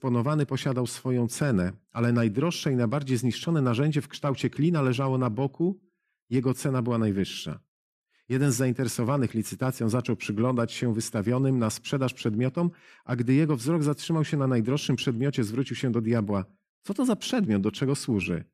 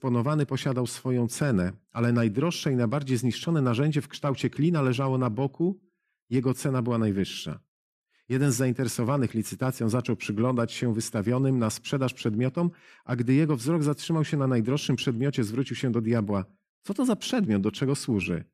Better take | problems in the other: neither | none

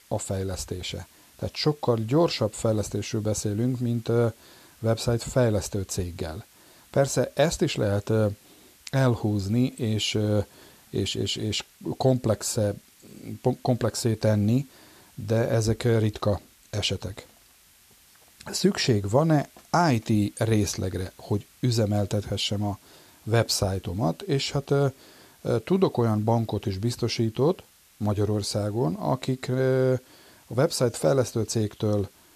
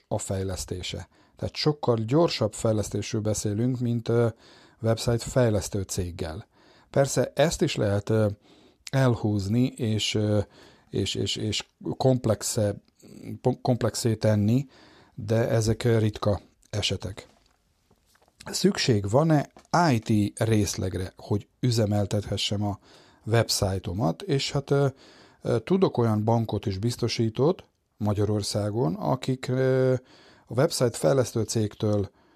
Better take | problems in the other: second | hiss; faint; throughout; 30 dB below the speech

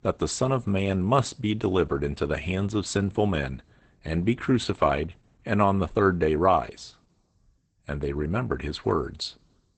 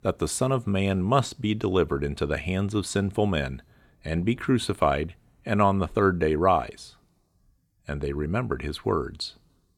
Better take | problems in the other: second | garbled, watery; badly; nothing above 8 kHz

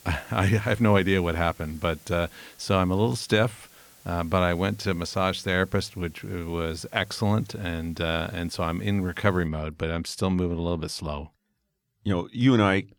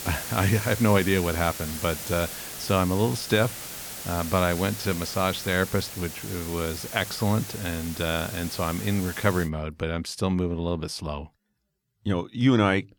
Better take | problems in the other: first | hiss; loud; until 9.5 s; 8 dB below the speech; faint in the first

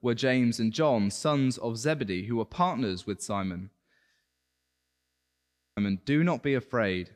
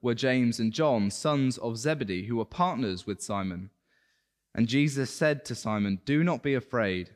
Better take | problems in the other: second | audio freezing; at 4.5 s for 1.5 s

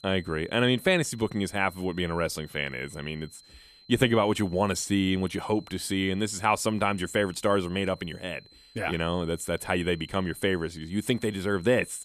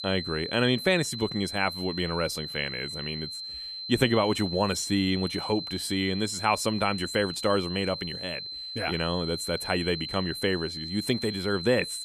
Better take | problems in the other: first | high-pitched whine; loud; throughout; 4 kHz, 7 dB below the speech; faint in the first

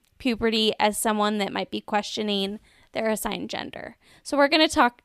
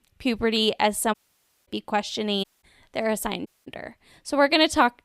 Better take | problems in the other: first | audio cutting out; at 1 s for 0.5 s, at 2.5 s and at 3.5 s

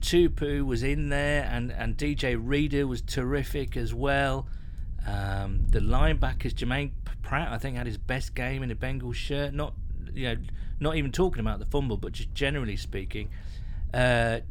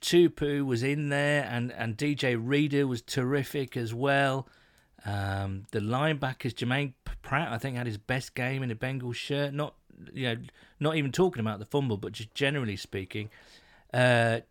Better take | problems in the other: second | wind noise on the microphone; occasional gusts; 25 dB below the speech

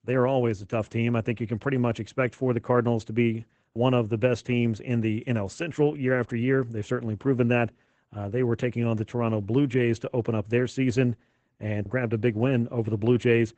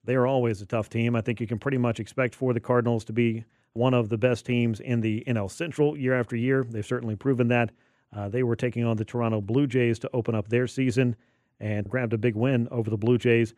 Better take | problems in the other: second | garbled, watery; badly; nothing above 8 kHz

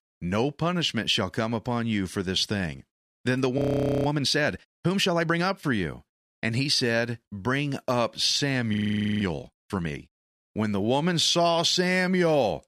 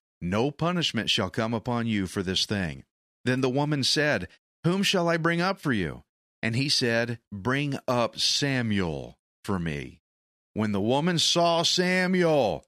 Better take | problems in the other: second | audio freezing; at 3.5 s and at 8.5 s

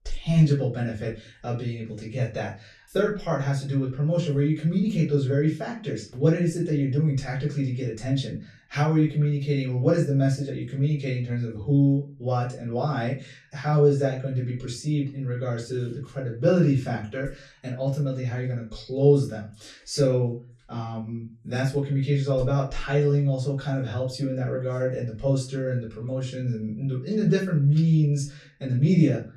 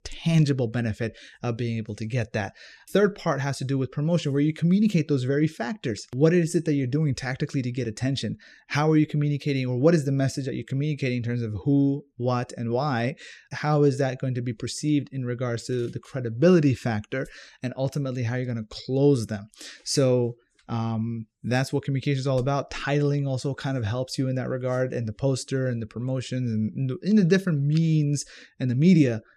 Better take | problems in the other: second | room echo; slight; dies away in 0.3 s // off-mic speech; far

